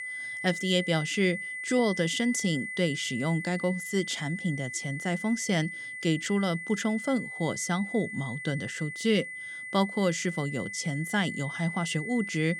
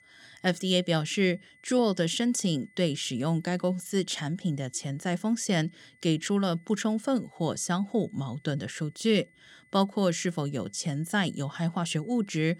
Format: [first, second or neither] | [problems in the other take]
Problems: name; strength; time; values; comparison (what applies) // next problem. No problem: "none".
second | high-pitched whine; loud; throughout; 2 kHz, 7 dB below the speech; faint in the second